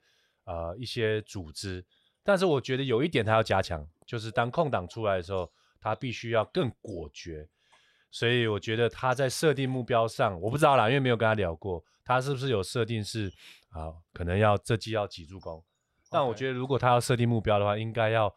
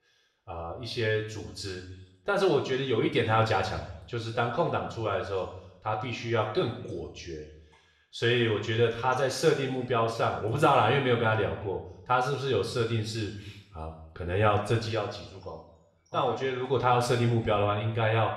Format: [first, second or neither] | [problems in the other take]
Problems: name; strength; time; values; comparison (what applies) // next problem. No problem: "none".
first | room echo; noticeable; dies away in 0.8 s // off-mic speech; somewhat distant